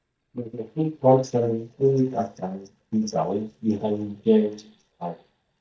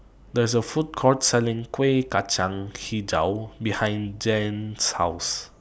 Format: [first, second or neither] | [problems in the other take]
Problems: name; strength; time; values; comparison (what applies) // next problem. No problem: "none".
second | noise reduction (neural mask model DeepFilterNet 3)